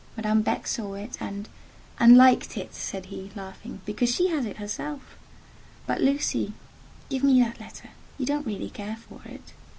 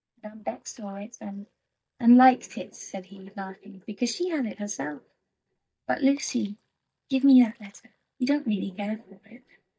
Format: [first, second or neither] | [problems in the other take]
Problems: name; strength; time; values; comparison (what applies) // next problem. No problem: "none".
first | noise reduction (neural mask model DeepFilterNet 3)